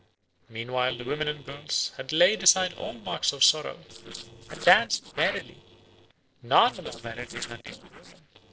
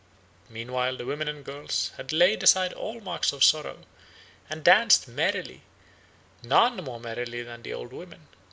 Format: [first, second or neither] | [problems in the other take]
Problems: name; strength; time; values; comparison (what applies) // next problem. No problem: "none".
second | noise reduction (neural separator model SepFormer DNS4)